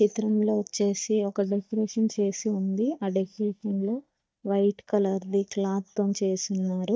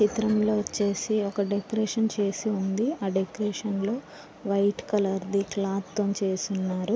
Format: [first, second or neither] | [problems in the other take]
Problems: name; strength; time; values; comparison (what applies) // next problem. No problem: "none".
second | noise reduction (neural mask model DeepFilterNet 3)